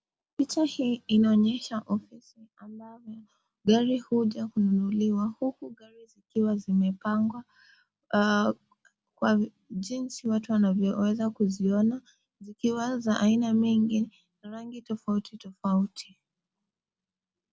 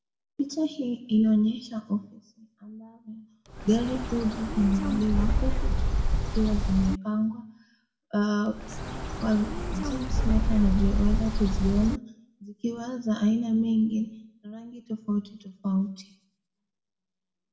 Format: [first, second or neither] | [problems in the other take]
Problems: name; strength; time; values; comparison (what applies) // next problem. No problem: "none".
first | background sound (Bird); 2 dB above the speech // room echo; dies away in 0.5 s